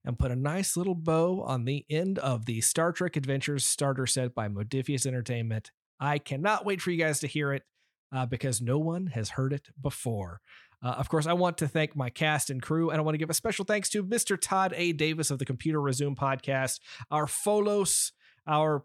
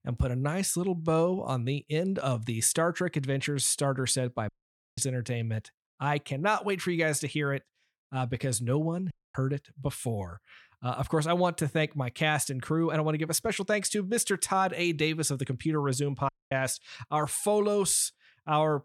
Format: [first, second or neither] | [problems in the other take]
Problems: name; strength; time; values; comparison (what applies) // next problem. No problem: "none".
first | audio cutting out; at 4.5 s, at 9 s and at 16 s